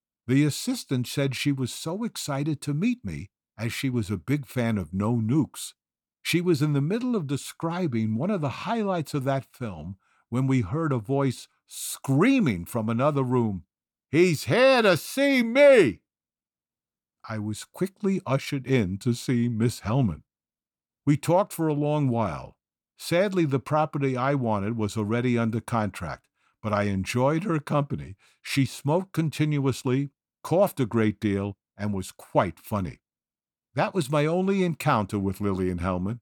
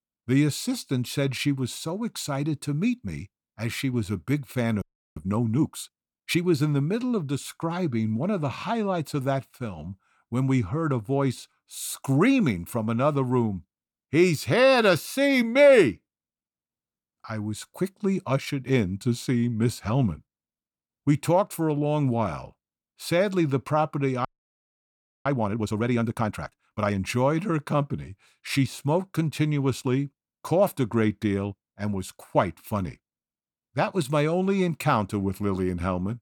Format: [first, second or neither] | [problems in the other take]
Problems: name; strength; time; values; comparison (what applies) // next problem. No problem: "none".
first | audio freezing; at 5 s and at 24 s for 1 s